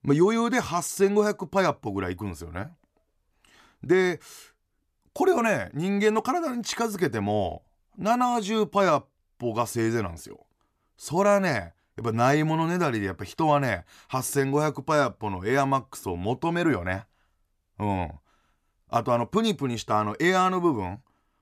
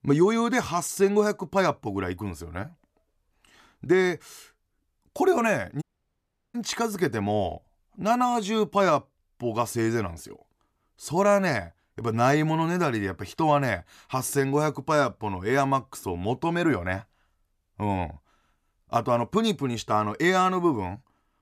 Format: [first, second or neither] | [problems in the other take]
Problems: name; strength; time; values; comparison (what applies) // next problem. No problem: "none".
first | audio cutting out; at 6 s for 0.5 s